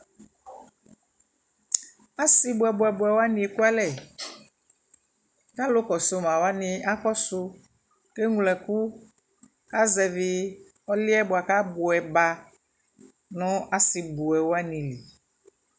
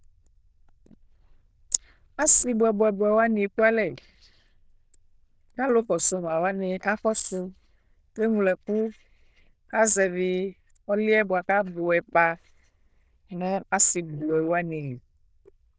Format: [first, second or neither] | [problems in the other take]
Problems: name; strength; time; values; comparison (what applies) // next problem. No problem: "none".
first | noise reduction (neural diffusion model UNIVERSE++)